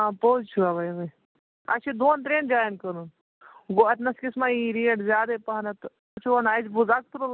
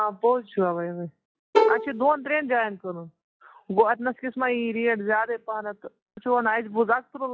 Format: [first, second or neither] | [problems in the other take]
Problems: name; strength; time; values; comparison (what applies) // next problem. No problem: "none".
first | noise reduction (classical method log-MMSE)